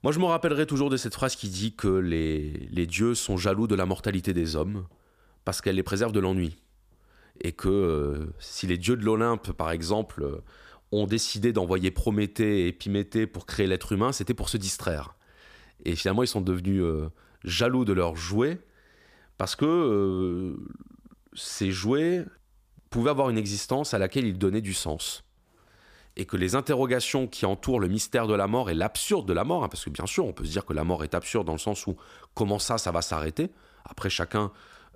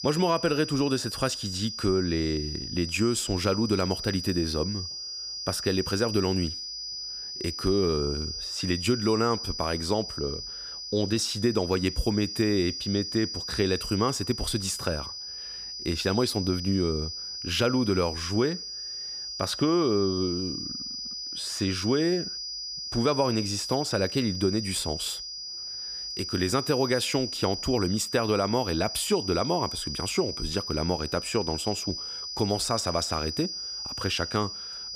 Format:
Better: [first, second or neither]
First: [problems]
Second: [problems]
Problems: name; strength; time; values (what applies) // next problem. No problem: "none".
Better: first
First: none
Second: high-pitched whine; loud; throughout; 5 kHz, 5 dB below the speech